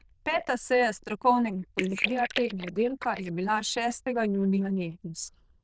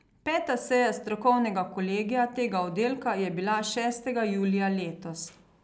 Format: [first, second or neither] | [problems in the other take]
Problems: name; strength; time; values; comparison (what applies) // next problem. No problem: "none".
second | noise reduction (neural diffusion model UNIVERSE++)